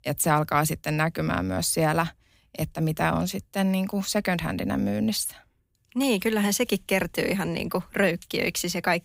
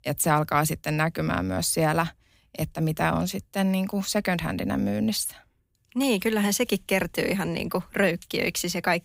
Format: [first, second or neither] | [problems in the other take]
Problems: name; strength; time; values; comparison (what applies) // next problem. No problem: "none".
neither | none